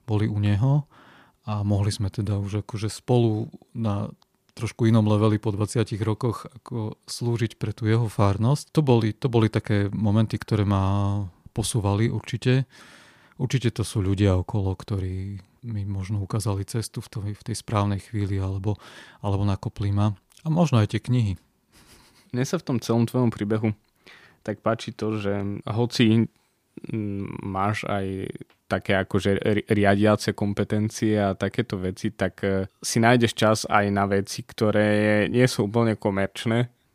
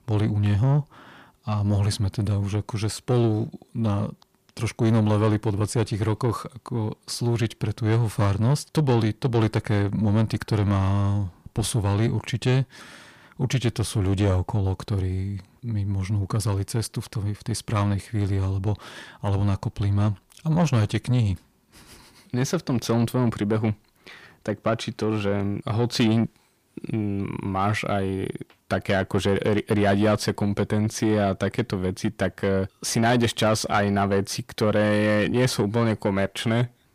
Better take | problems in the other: first | distortion; slight; 10 dB below the speech

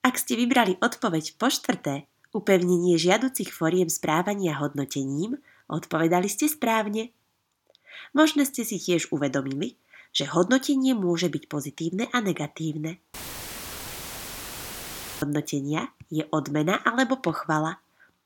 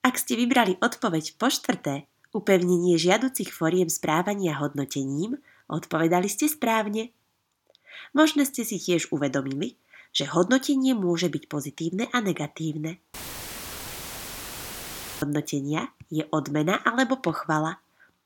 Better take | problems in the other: neither | audio cutting out; filled with static; at 13 s for 2 s; the same in both

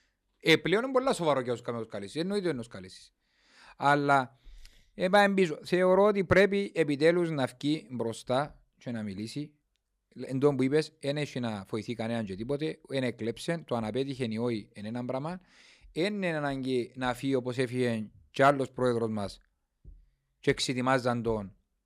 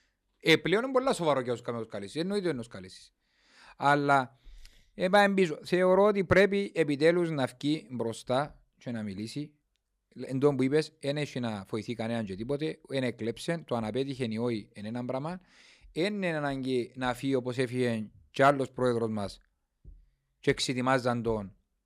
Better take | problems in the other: neither | none

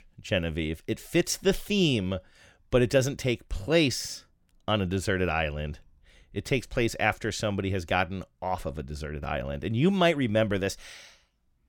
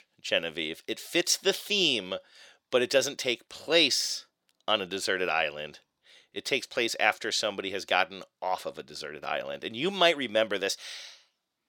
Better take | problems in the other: first | thin; somewhat; fading below 400 Hz

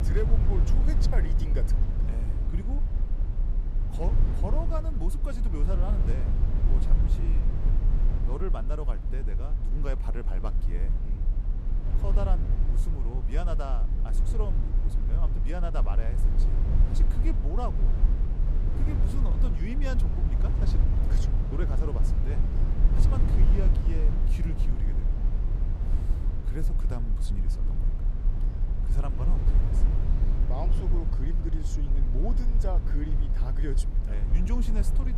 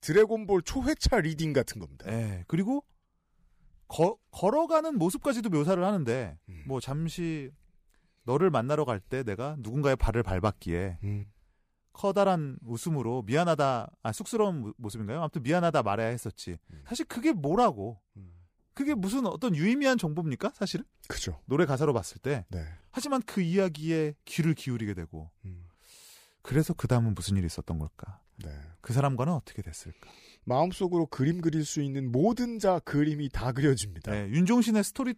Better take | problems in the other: second | low rumble; loud; throughout; 3 dB below the speech

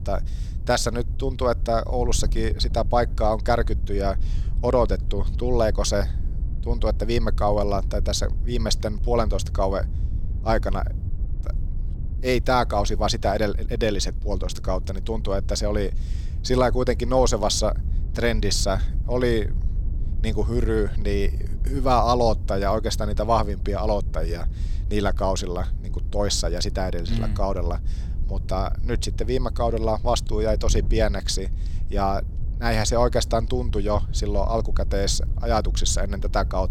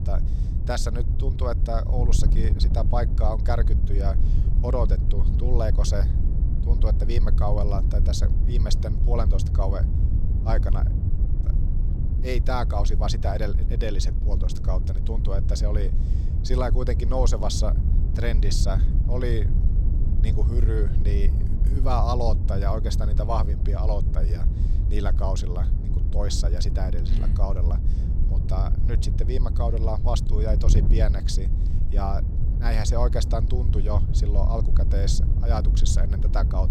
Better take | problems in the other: first | wind noise on the microphone; heavy; 8 dB below the speech; occasional gusts in the first

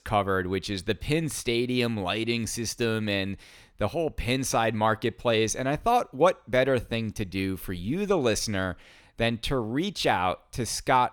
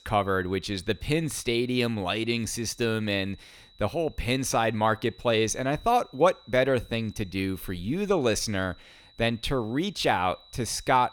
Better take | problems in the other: first | high-pitched whine; faint; throughout; 4 kHz, 25 dB below the speech

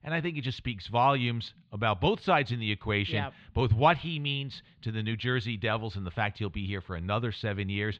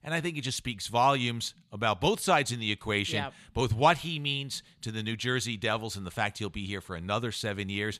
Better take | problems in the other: second | muffled; slightly; fading above 3.5 kHz

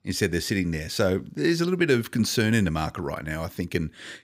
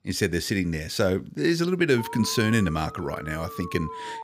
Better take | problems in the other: first | alarm; faint; from 2 s on; peak 10 dB below the speech

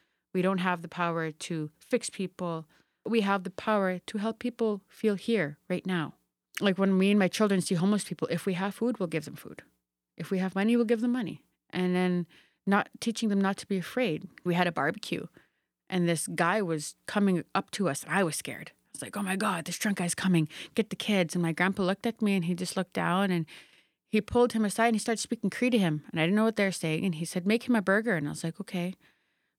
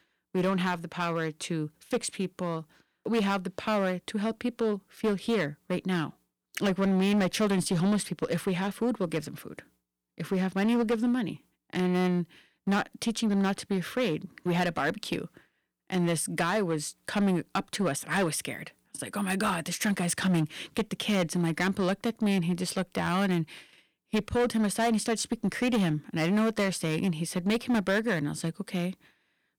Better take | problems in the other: first | distortion; slight; 8% of the sound clipped

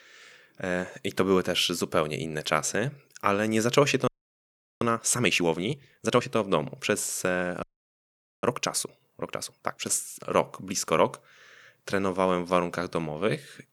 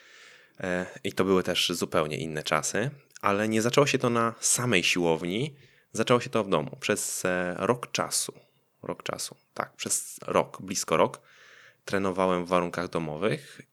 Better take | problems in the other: second | audio freezing; at 4 s for 0.5 s and at 7.5 s for 1 s

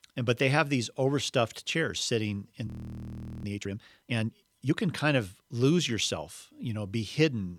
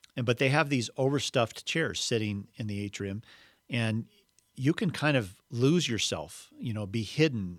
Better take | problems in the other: second | audio freezing; at 2.5 s for 1 s

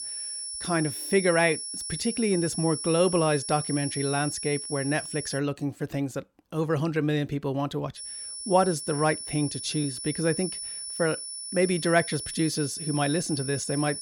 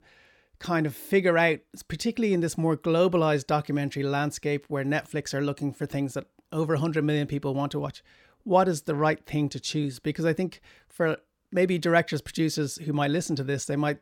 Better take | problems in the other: second | high-pitched whine; loud; until 5.5 s and from 8 s on; 10 kHz, 6 dB below the speech

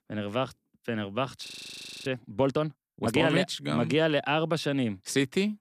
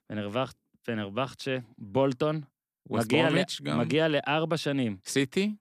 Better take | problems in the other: second | audio freezing; at 1.5 s for 0.5 s

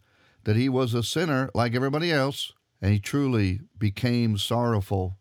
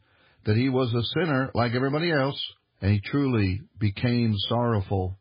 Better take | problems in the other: first | garbled, watery; badly; nothing above 5 kHz

